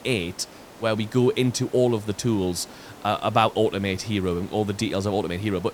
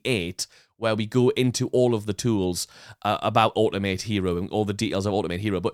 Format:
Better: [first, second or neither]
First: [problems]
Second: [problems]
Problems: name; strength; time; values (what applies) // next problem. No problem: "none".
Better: second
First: hiss; noticeable; throughout; 20 dB below the speech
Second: none